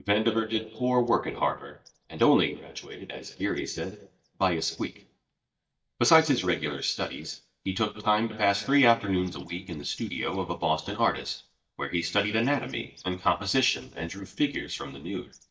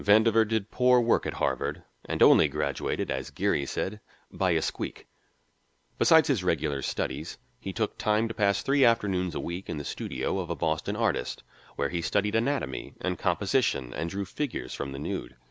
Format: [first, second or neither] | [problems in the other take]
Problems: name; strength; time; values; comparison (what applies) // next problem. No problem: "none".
second | noise reduction (neural mask model DeepFilterNet 3)